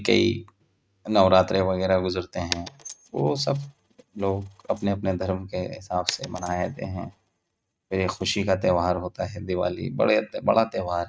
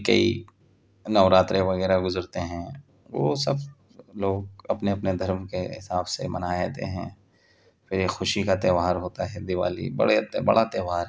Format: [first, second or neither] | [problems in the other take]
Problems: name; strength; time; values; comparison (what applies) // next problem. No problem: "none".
second | noise reduction (neural mask model RNNoise)